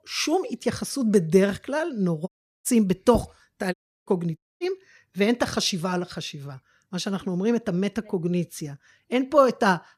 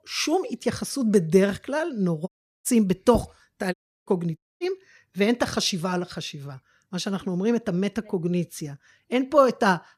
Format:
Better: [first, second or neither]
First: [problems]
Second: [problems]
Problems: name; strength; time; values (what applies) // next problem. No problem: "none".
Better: neither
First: audio cutting out; at 2.5 s, at 3.5 s and at 4.5 s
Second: audio cutting out; at 2.5 s, at 3.5 s and at 4.5 s